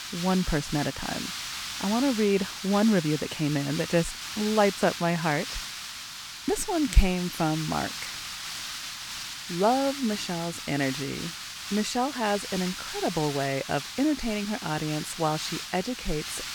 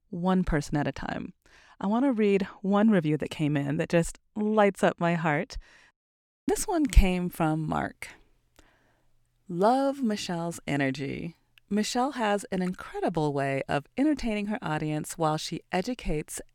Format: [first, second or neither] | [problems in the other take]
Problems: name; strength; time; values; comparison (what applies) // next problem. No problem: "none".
second | hiss; loud; throughout; 7 dB below the speech